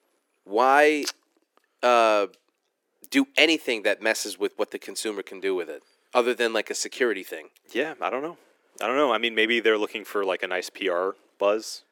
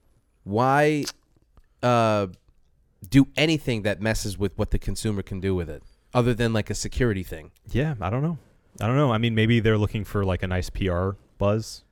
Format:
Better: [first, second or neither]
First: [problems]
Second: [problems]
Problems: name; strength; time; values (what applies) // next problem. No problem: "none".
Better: second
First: thin; somewhat; fading below 300 Hz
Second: none